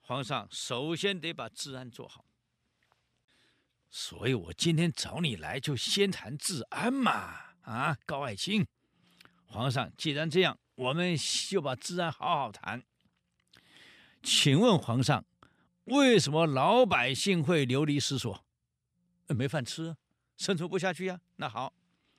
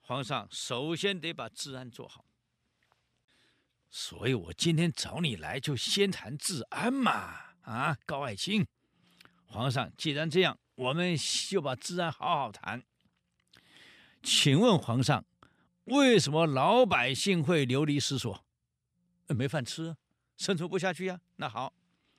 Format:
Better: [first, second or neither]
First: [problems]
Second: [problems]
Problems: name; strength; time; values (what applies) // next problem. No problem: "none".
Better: neither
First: none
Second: none